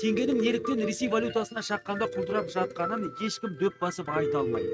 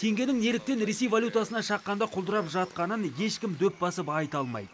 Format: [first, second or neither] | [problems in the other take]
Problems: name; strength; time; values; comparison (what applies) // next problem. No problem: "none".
second | noise reduction (neural mask model RNNoise)